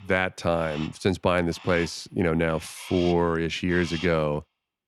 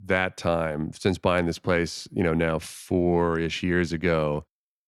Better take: second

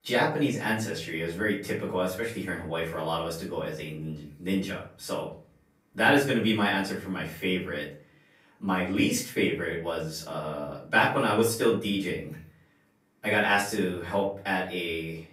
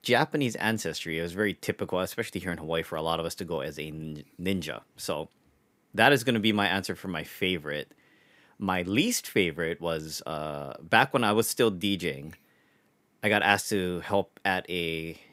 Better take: second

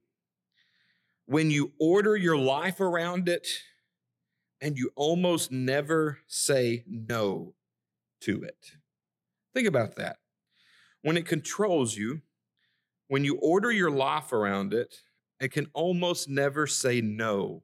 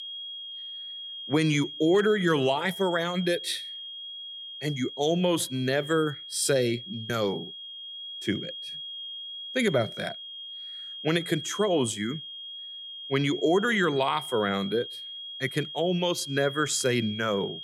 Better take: first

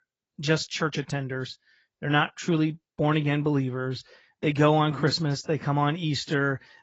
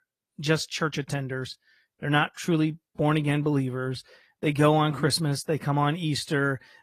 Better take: second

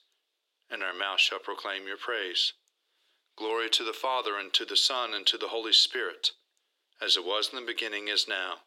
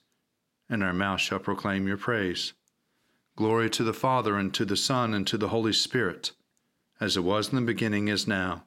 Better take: second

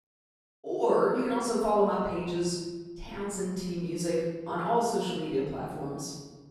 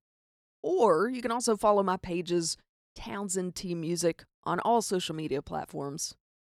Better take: second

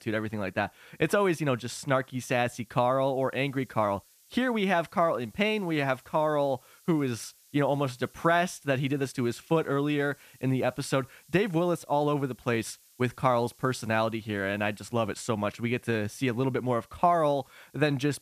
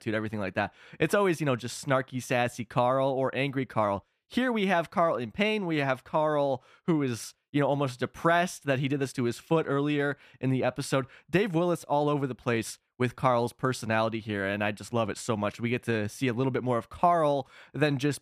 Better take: second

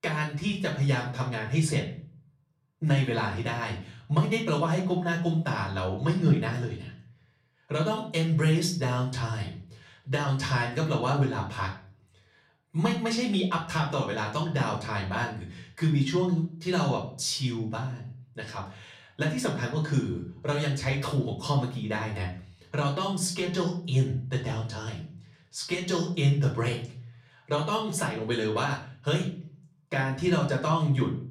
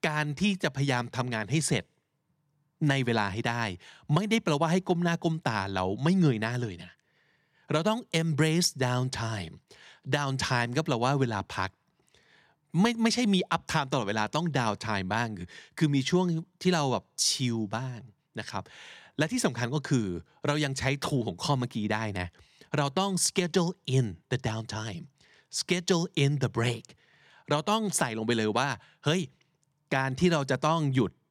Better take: second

